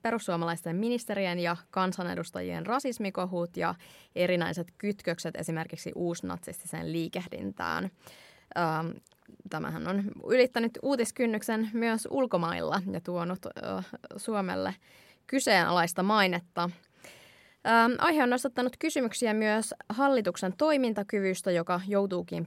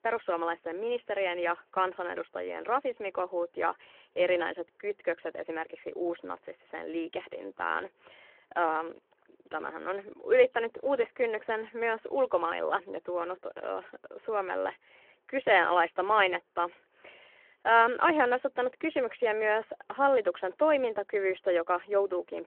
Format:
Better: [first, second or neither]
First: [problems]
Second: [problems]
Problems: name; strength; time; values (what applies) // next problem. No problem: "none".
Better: first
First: none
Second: phone-call audio